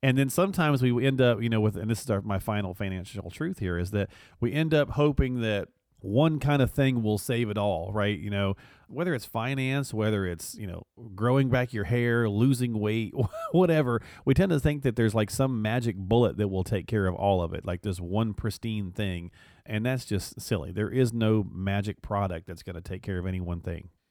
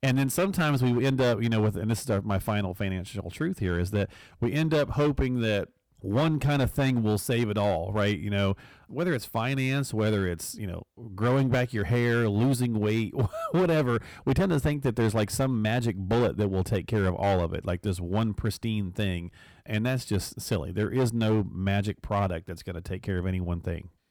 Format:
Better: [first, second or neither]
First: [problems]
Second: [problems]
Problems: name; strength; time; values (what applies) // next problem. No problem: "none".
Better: first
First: none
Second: distortion; slight; 8% of the sound clipped